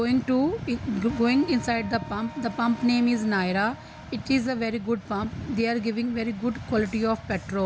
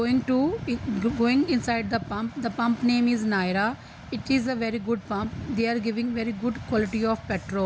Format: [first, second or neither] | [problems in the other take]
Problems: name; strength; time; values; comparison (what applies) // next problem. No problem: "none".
second | background sound (Wind instrument, woodwind instrument); 20 dB below the speech